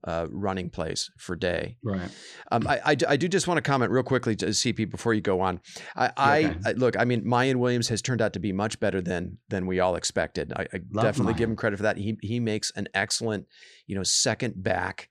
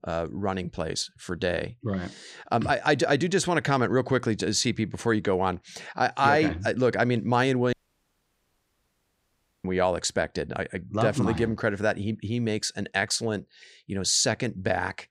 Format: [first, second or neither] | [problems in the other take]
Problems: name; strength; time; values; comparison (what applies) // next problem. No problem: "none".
first | audio cutting out; at 7.5 s for 2 s